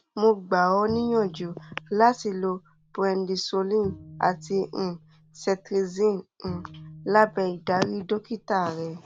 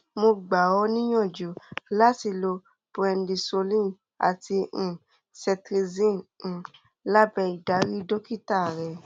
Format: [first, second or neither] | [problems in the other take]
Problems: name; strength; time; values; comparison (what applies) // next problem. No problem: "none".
second | background sound (Bowed string instrument); 19 dB below the speech